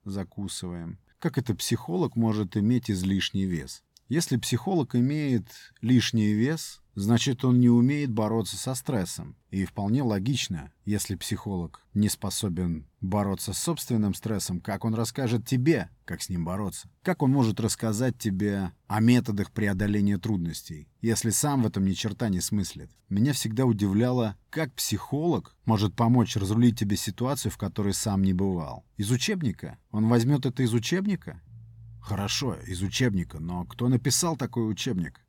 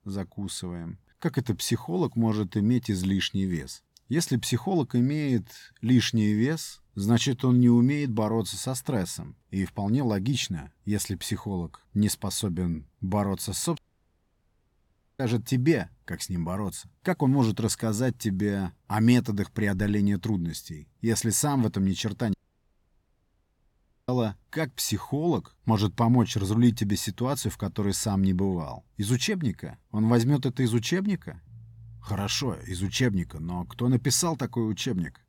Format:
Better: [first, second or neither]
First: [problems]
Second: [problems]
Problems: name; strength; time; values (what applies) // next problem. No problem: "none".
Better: first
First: none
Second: audio cutting out; at 14 s for 1.5 s and at 22 s for 1.5 s